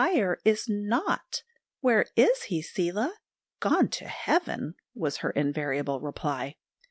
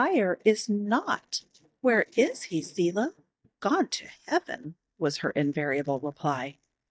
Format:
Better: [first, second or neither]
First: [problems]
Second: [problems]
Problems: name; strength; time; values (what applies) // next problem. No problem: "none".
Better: first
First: none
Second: noise reduction (neural mask model DeepFilterNet 3)